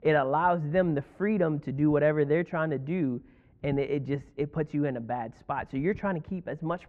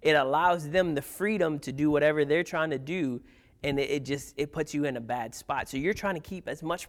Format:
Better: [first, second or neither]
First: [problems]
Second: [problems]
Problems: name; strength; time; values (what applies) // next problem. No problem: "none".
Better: second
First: muffled; very; fading above 1.5 kHz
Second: none